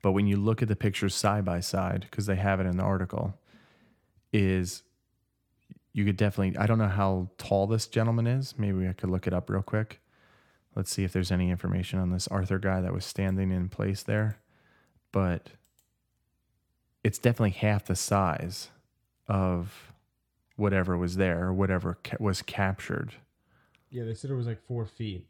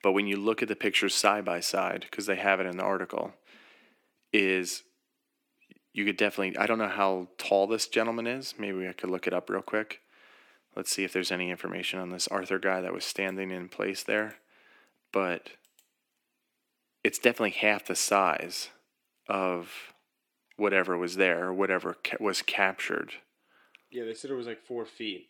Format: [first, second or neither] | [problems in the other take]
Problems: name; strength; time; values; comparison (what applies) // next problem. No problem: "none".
first | thin; somewhat; fading below 300 Hz